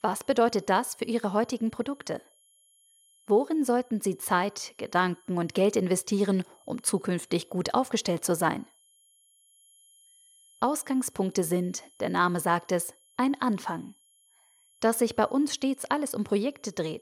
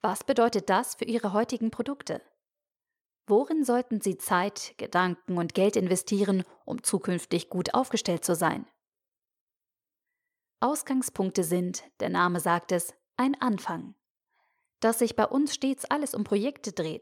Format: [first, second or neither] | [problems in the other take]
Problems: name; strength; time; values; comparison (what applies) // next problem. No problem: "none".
second | high-pitched whine; faint; throughout; 11 kHz, 30 dB below the speech